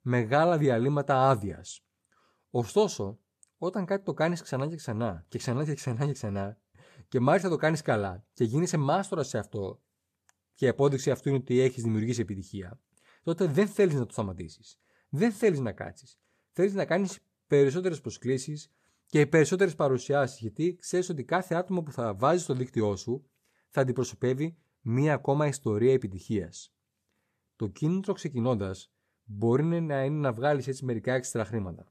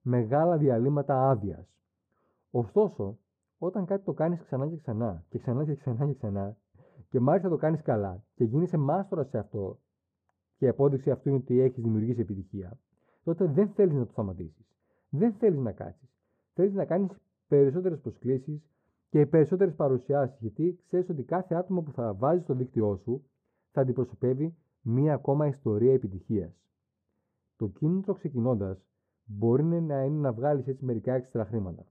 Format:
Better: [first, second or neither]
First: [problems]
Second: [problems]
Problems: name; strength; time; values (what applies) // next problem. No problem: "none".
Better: first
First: none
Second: muffled; very; fading above 2 kHz